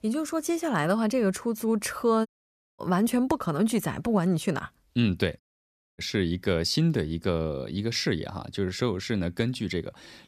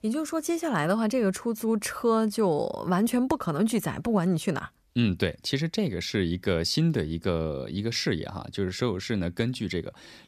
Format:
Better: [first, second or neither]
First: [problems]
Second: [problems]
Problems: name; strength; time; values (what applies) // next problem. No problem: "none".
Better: second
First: audio cutting out; at 2.5 s for 0.5 s and at 5.5 s for 0.5 s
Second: none